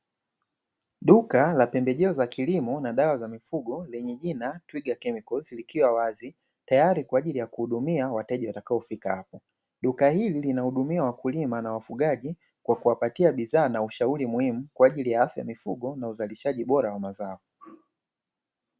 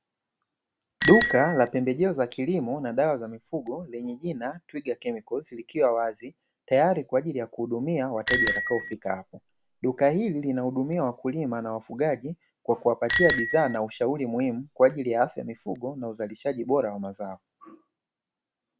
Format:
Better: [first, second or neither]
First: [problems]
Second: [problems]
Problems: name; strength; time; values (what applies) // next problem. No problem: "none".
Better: first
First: none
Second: background sound (Bicycle bell); 5 dB below the speech